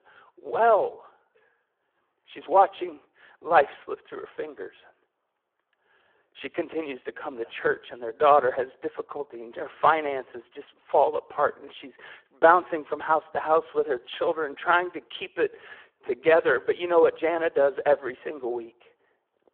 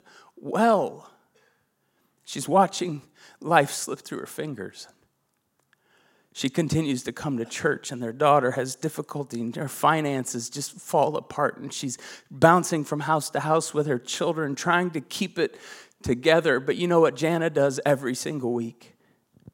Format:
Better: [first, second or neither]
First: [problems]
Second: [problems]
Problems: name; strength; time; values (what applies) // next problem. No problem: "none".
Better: second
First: phone-call audio; poor line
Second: none